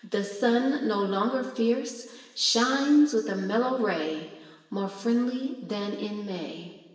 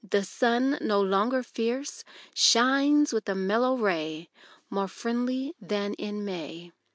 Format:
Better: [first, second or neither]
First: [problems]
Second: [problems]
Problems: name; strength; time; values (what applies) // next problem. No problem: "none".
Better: second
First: room echo; dies away in 1.2 s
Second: none